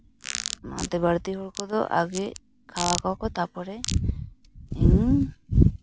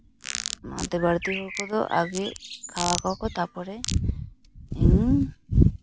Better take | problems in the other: first | background sound (Bird); 14 dB below the speech

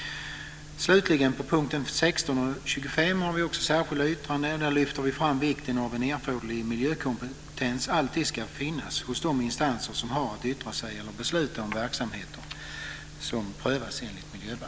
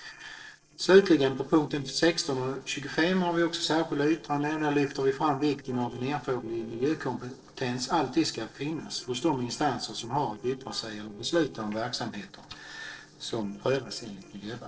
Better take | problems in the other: first | noise reduction (neural separator model SepFormer DNS4)

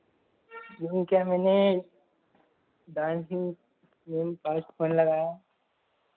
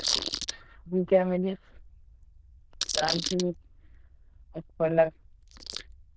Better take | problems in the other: first | noise reduction (neural diffusion model UNIVERSE++)

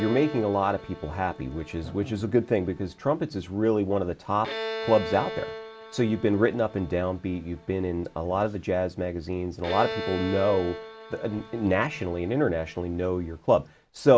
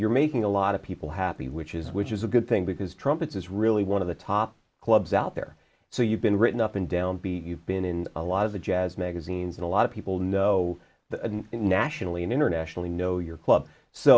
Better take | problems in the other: second | background sound (Bowed string instrument); 13 dB below the speech

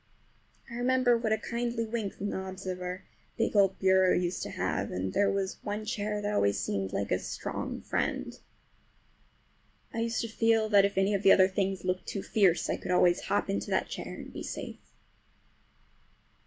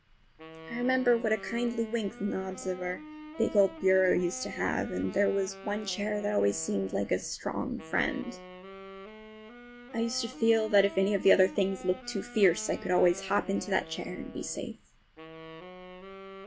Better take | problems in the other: first | background sound (Wind instrument, woodwind instrument); 16 dB below the speech

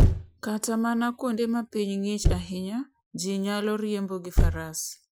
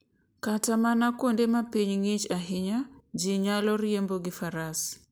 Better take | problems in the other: second | noise reduction (classical method Wiener filter)

